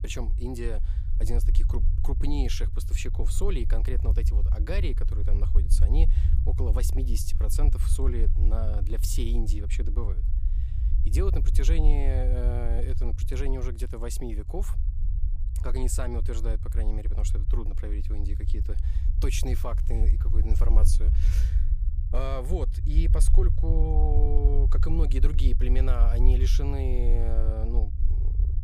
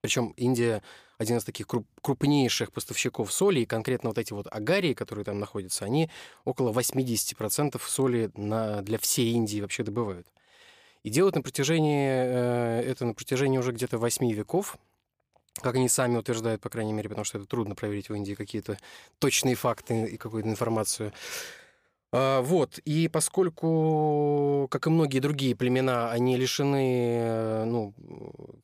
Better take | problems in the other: second | low rumble; loud; throughout; 9 dB below the speech

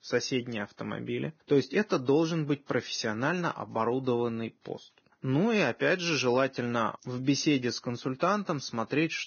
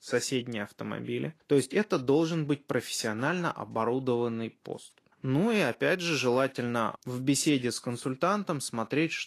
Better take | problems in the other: second | garbled, watery; badly; nothing above 6.5 kHz; slightly in the second

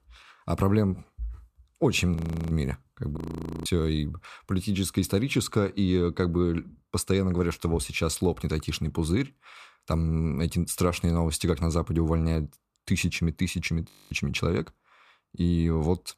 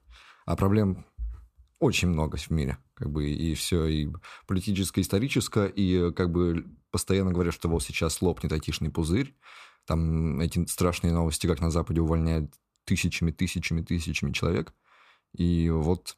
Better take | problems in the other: second | audio freezing; at 2 s, at 3 s and at 14 s

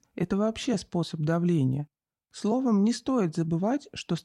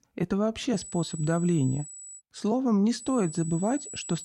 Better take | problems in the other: first | high-pitched whine; noticeable; from 1 to 2 s and from 3 s on; 8 kHz, 10 dB below the speech

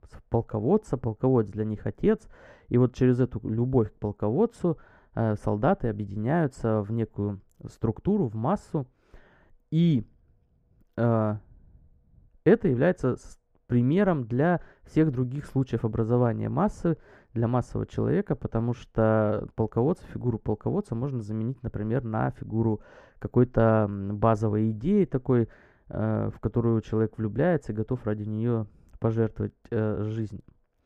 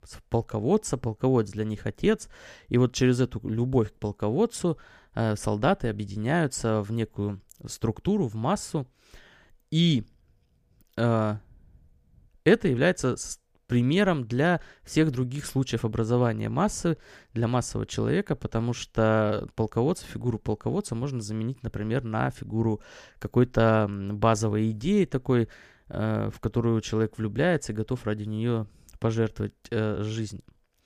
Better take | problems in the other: second | muffled; very; fading above 2 kHz

